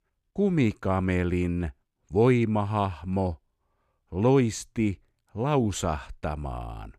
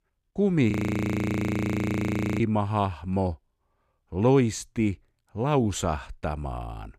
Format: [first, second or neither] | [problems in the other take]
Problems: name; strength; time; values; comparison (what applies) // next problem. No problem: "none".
first | audio freezing; at 0.5 s for 1.5 s